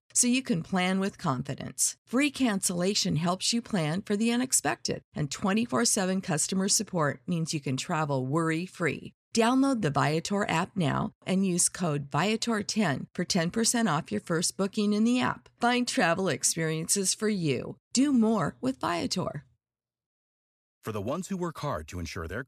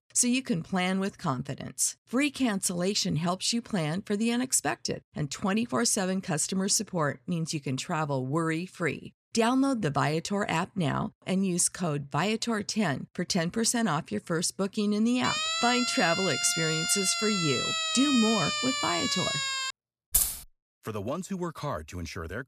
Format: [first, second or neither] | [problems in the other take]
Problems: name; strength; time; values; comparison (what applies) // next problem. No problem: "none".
first | siren; loud; from 15 to 20 s; peak 1 dB above the speech // jangling keys; loud; at 20 s; peak 4 dB above the speech